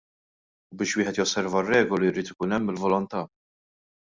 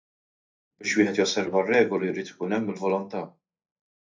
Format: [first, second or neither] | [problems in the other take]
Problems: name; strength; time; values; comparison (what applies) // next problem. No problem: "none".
first | noise reduction (neural mask model DeepFilterNet 3)